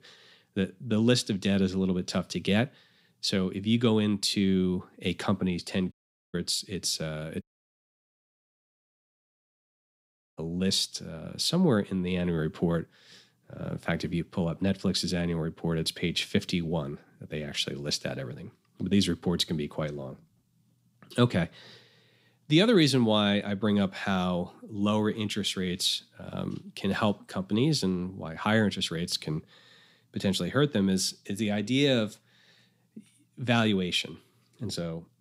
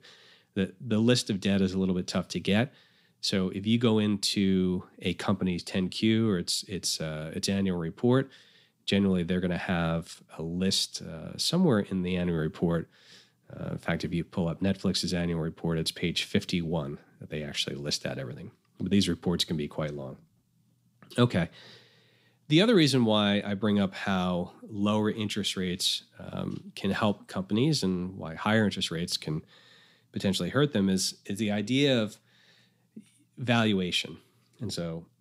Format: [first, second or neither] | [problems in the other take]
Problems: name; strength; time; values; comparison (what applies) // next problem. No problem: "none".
second | audio cutting out; at 6 s and at 7.5 s for 3 s